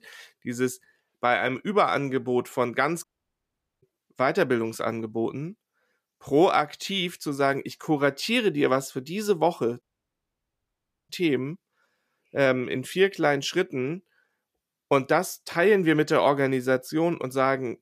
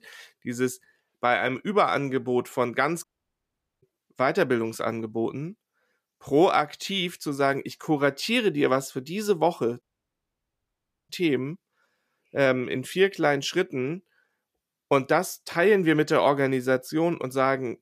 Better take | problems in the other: neither | audio cutting out; at 3 s for 1 s and at 10 s for 1.5 s; the same in both

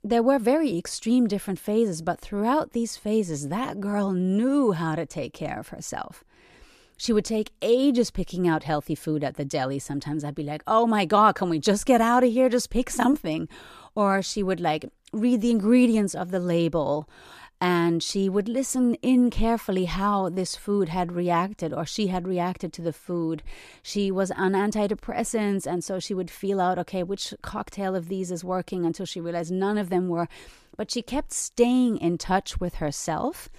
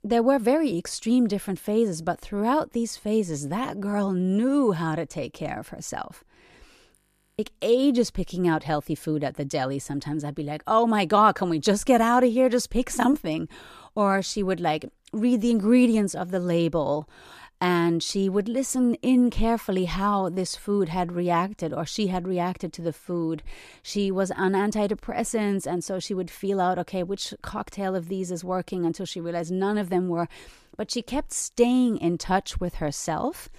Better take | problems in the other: first | audio freezing; at 7 s

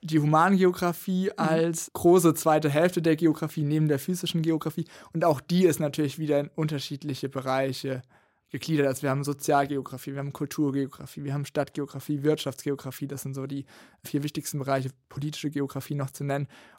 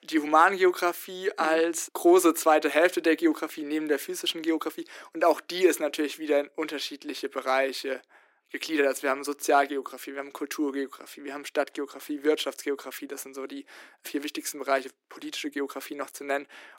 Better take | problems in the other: first | thin; somewhat; fading below 300 Hz

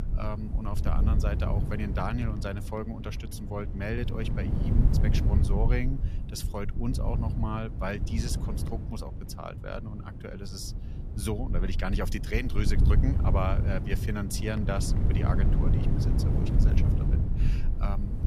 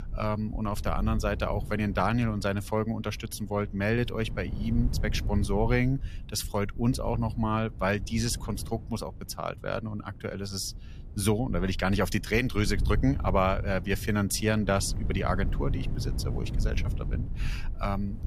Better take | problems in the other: second | wind noise on the microphone; heavy; 5 dB below the speech; occasional gusts in the second

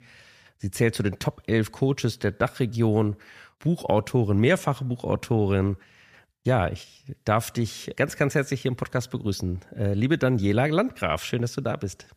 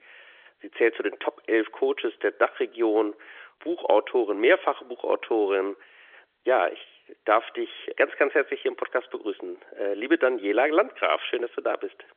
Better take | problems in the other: first | phone-call audio; nothing above 3.5 kHz

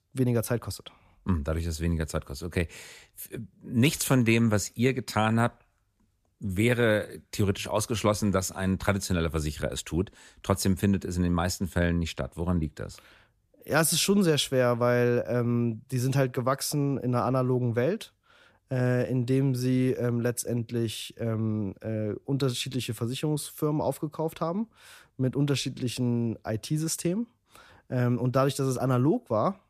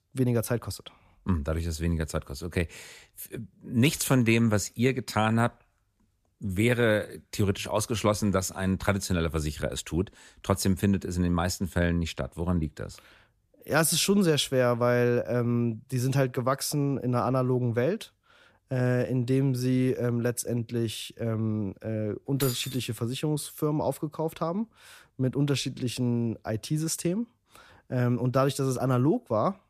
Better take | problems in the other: first | jangling keys; noticeable; at 22 s; peak 8 dB below the speech

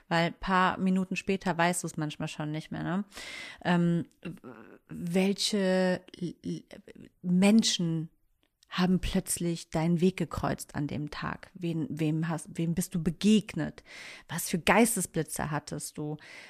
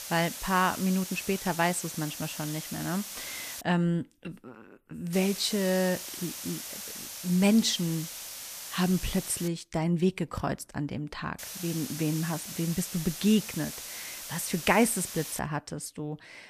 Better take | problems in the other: first | hiss; loud; until 3.5 s, from 5 to 9.5 s and from 11 to 15 s; 8 dB below the speech

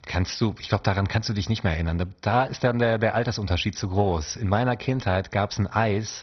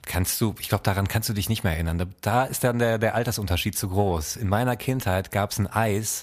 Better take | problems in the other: second | garbled, watery; badly; nothing above 6 kHz

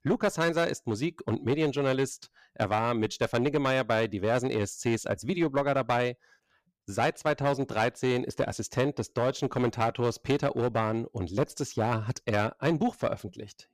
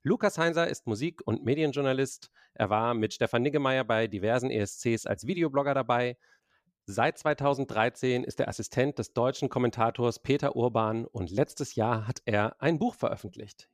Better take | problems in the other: second | distortion; slight; 5% of the sound clipped

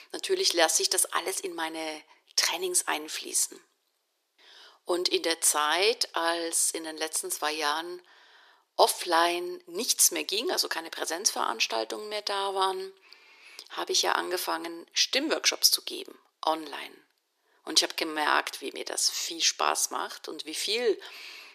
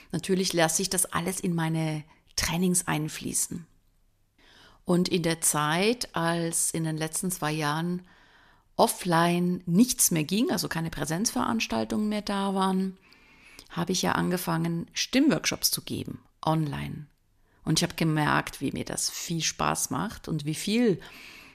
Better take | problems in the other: second | thin; very; fading below 350 Hz

